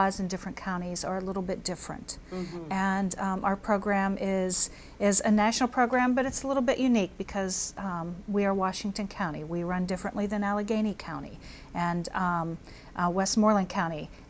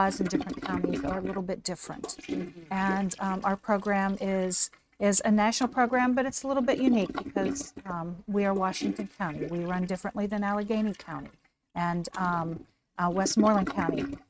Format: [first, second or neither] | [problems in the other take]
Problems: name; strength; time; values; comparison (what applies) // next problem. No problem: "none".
first | noise reduction (neural mask model RNNoise)